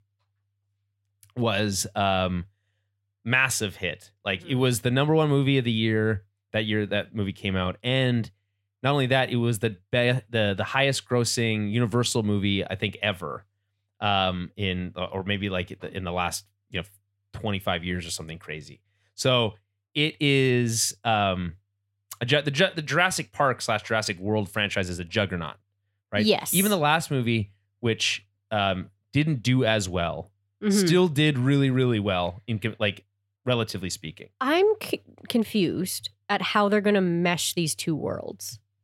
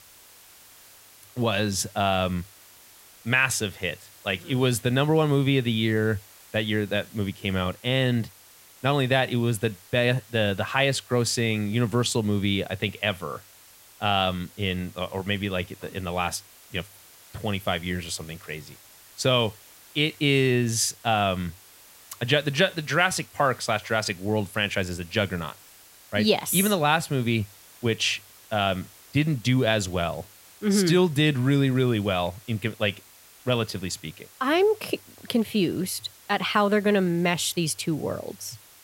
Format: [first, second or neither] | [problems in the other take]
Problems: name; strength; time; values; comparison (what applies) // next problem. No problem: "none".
first | hiss; faint; throughout; 25 dB below the speech